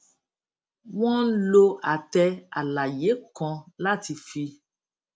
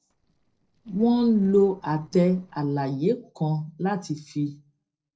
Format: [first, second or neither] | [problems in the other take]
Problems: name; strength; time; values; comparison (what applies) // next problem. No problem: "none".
first | noise reduction (neural separator model SepFormer DNS4)